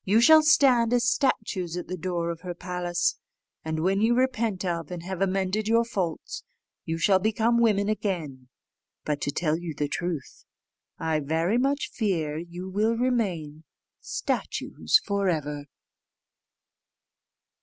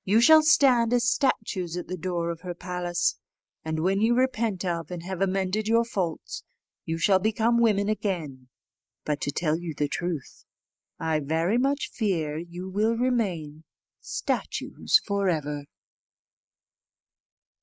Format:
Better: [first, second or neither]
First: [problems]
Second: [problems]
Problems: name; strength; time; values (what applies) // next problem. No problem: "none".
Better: first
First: none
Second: noise reduction (neural mask model Resemble Enhance denoiser)